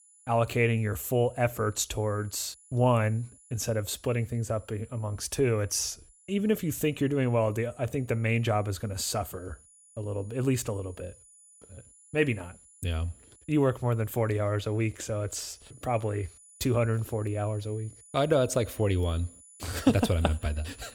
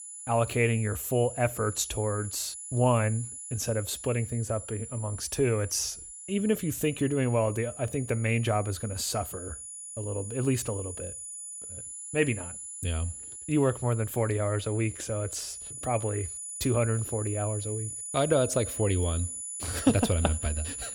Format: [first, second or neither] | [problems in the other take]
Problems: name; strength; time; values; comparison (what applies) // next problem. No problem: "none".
first | high-pitched whine; loud; throughout; 10 kHz, 8 dB below the speech; faint in the first